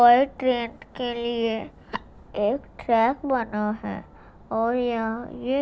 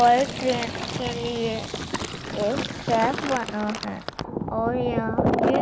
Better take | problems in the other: first | background sound (Fill (with liquid)); 2 dB below the speech

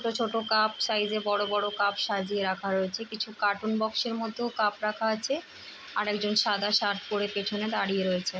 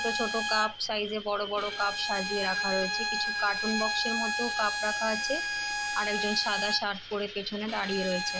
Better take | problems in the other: first | background sound (Bowed string instrument); 1 dB below the speech

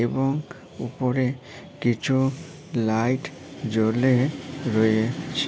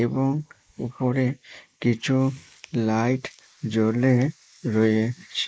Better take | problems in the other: first | noise reduction (neural mask model Resemble Enhance denoiser)

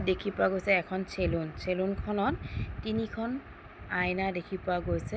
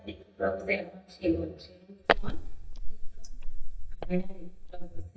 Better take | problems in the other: first | noise reduction (neural mask model DeepFilterNet 3)

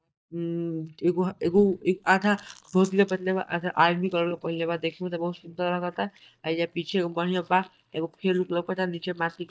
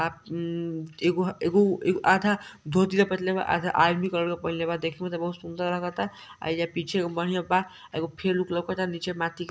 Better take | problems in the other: second | noise reduction (neural mask model DeepFilterNet 3)

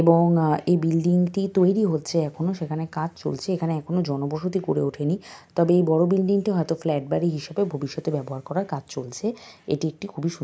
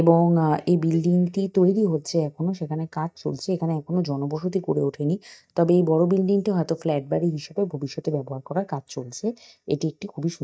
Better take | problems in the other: first | noise reduction (neural mask model DeepFilterNet 3)

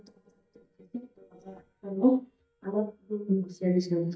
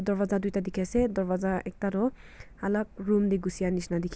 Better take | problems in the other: second | noise reduction (neural mask model DeepFilterNet 3)

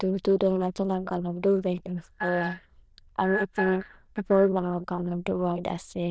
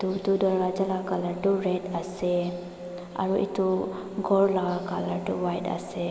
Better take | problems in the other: second | noise reduction (neural diffusion model UNIVERSE++)

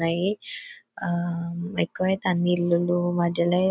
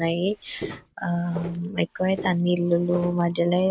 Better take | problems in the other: first | background sound (Walk, footsteps); 15 dB below the speech

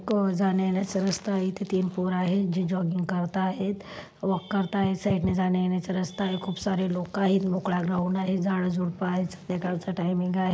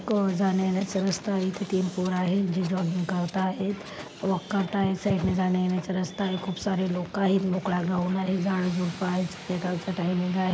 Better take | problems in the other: first | background sound (Hiss); 17 dB below the speech

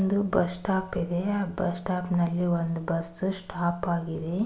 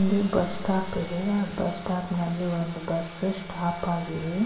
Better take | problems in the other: first | background sound (Sawing); 17 dB below the speech // room echo; dies away in 2.2 s

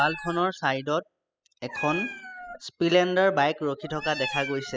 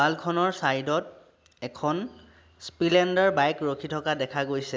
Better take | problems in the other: second | noise reduction (classical method spectral subtraction)

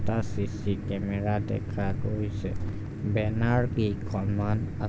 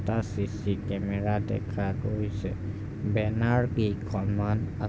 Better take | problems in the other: second | background sound (Cricket); 8 dB below the speech

